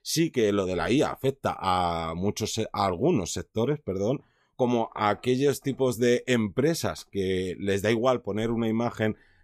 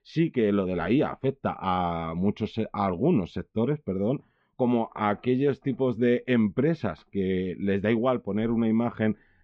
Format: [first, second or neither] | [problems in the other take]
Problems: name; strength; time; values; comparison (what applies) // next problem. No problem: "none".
first | muffled; very; fading above 3 kHz